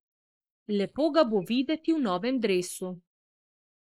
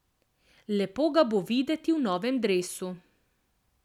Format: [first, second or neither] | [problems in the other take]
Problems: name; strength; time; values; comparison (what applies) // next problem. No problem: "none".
second | noise reduction (neural mask model Resemble Enhance denoiser)